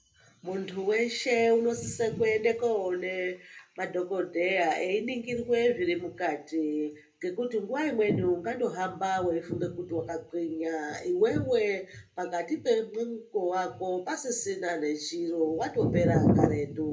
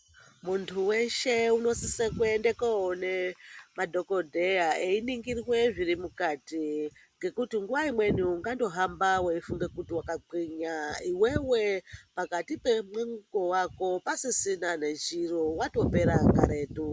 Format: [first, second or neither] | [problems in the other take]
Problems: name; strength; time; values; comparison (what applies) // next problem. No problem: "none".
second | room echo; dies away in 0.3 s